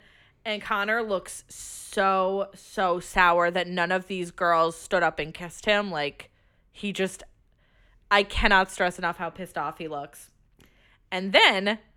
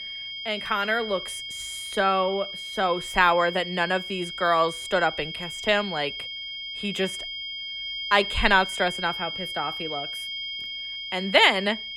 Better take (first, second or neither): first